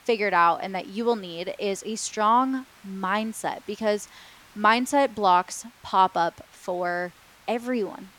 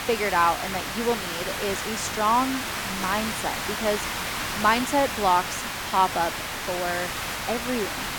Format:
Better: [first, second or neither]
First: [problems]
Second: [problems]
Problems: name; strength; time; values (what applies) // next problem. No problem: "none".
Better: first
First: hiss; faint; throughout; 25 dB below the speech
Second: hiss; loud; throughout; 3 dB below the speech